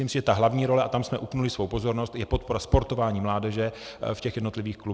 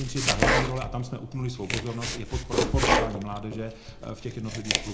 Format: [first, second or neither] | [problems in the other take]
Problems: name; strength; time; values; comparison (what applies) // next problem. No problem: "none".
first | background sound (Domestic sounds, home sounds); 3 dB above the speech // room echo; dies away in 0.3 s